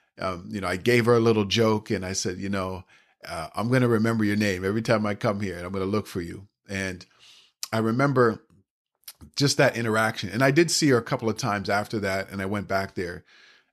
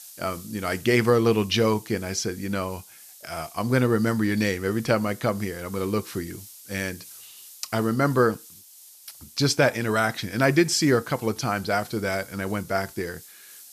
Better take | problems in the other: first | hiss; noticeable; throughout; 20 dB below the speech

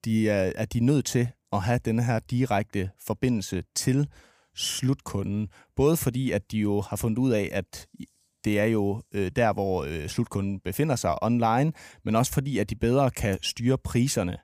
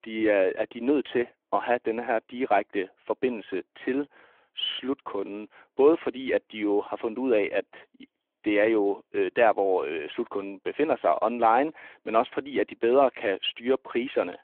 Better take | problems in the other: first | phone-call audio

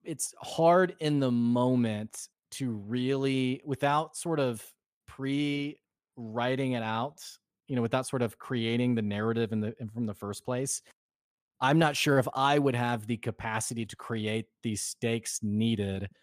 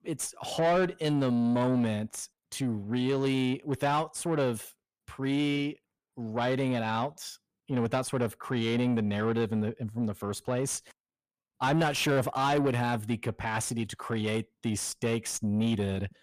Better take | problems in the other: first | distortion; slight; 10 dB below the speech

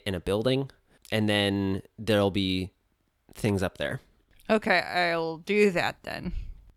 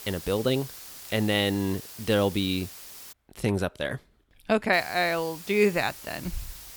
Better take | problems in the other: first | hiss; noticeable; until 3 s and from 4.5 s on; 15 dB below the speech

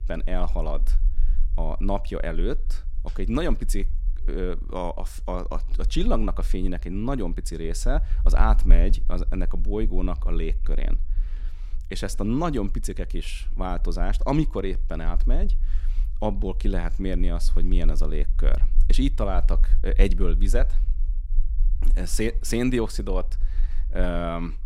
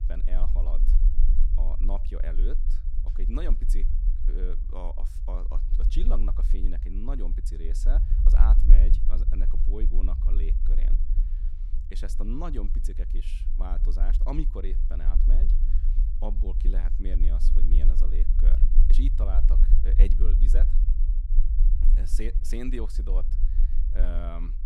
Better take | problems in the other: first | low rumble; loud; throughout; 7 dB below the speech; faint in the first

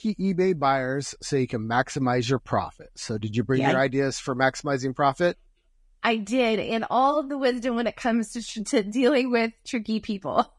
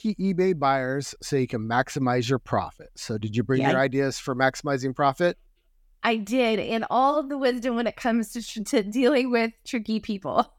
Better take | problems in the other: second | garbled, watery; slightly; nothing above 10.5 kHz

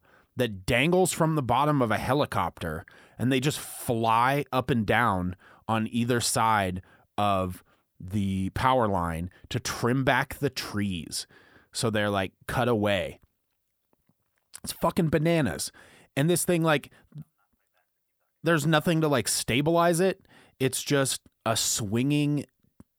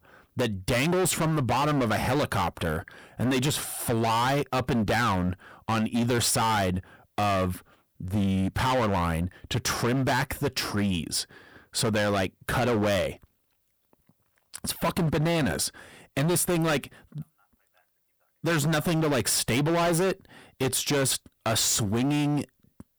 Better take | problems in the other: first | distortion; heavy; 20% of the sound clipped

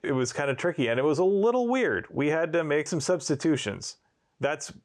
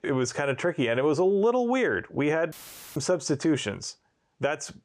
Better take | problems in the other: first | audio cutting out; filled with static; at 2.5 s

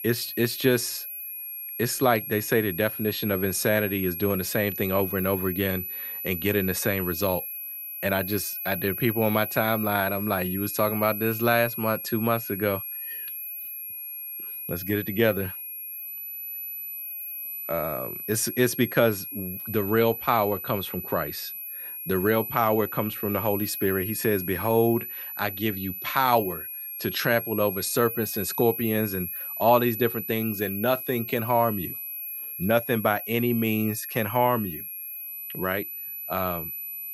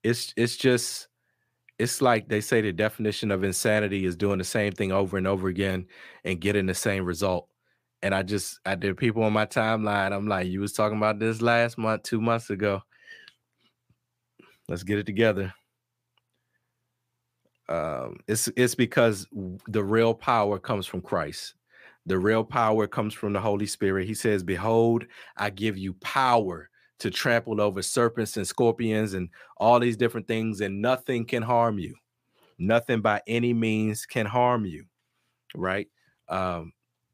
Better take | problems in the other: second | high-pitched whine; loud; throughout; 12 kHz, 6 dB below the speech

